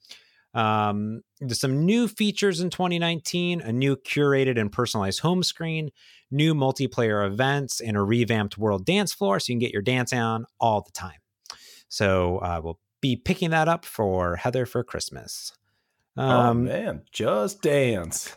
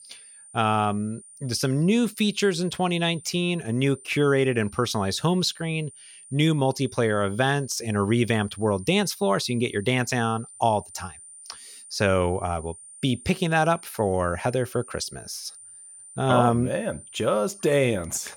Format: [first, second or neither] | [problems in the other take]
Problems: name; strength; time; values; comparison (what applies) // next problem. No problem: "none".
first | high-pitched whine; noticeable; throughout; 9 kHz, 20 dB below the speech